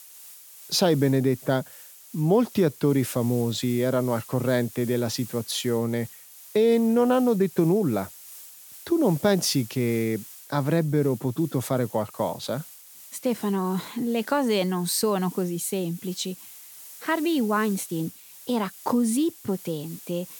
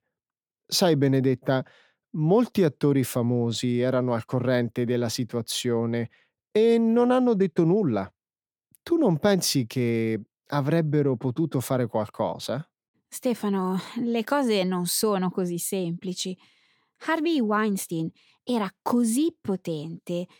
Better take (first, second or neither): second